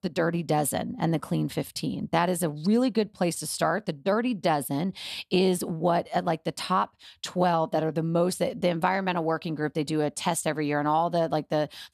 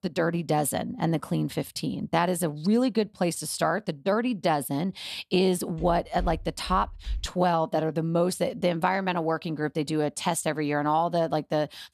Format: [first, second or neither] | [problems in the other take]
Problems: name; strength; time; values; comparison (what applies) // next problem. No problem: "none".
first | footsteps; faint; from 6 to 7.5 s; peak 10 dB below the speech